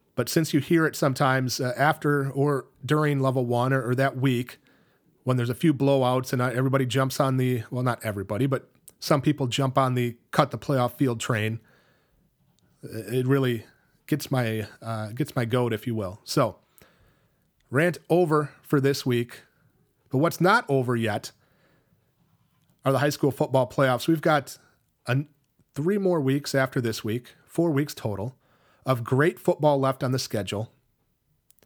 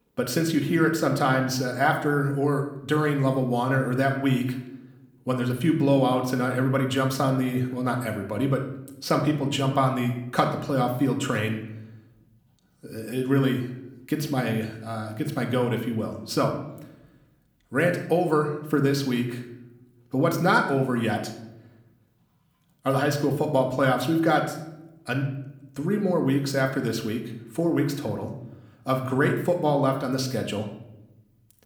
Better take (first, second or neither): first